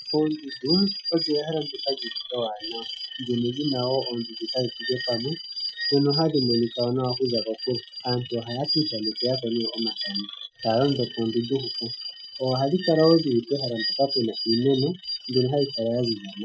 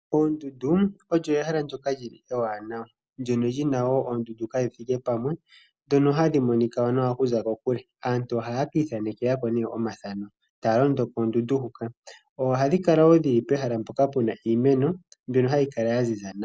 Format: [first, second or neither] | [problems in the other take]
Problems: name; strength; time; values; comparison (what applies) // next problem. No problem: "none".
second | noise reduction (classical method Wiener filter)